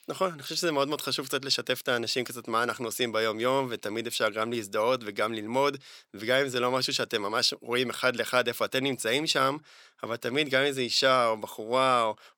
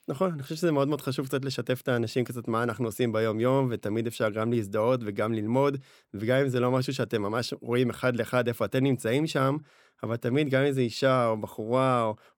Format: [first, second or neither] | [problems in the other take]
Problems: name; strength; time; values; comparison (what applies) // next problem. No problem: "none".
second | thin; somewhat; fading below 850 Hz